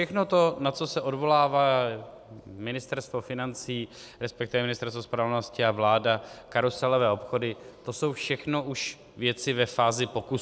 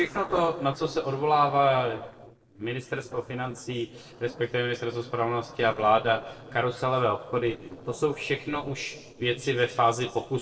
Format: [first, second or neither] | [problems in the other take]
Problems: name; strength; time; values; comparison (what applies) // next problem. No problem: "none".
first | noise reduction (neural separator model SepFormer DNS4)